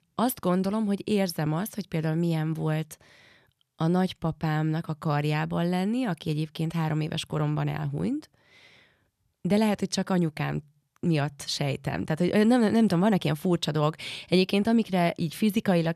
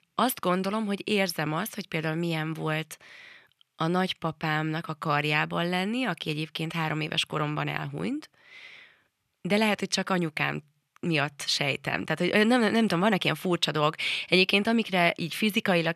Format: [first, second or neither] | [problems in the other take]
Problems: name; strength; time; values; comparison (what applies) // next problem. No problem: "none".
first | thin; very slightly; fading below 250 Hz